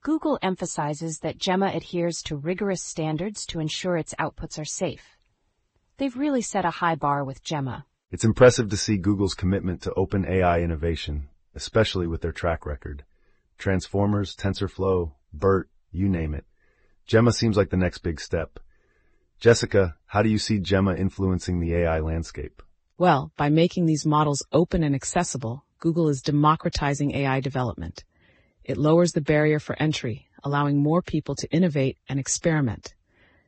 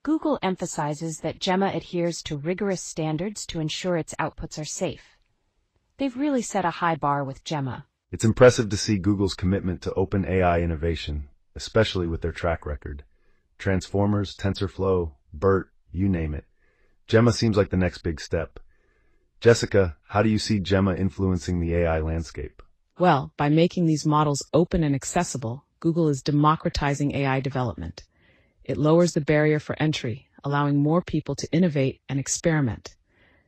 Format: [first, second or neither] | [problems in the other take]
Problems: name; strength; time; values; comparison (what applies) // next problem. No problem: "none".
second | garbled, watery; badly; nothing above 8 kHz; slightly in the second